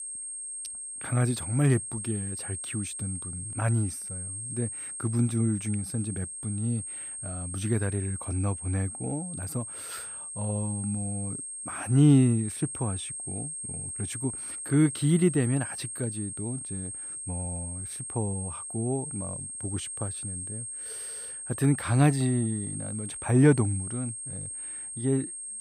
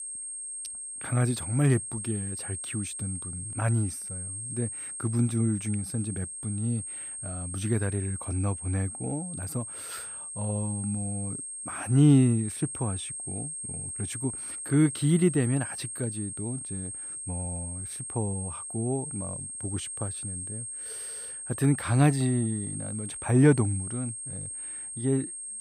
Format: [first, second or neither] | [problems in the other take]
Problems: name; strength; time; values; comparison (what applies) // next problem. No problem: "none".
neither | high-pitched whine; loud; throughout; 8.5 kHz, 6 dB below the speech; the same in both